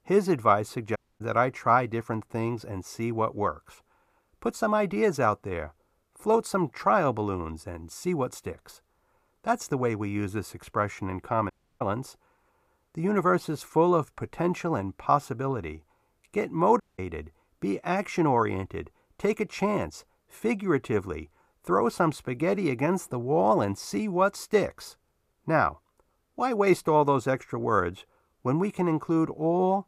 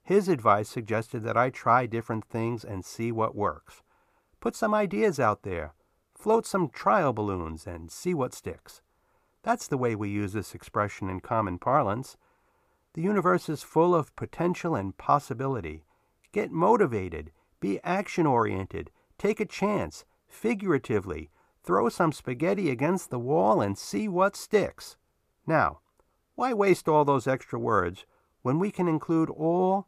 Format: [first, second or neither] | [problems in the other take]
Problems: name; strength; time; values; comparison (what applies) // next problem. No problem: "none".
second | audio cutting out; at 1 s, at 12 s and at 17 s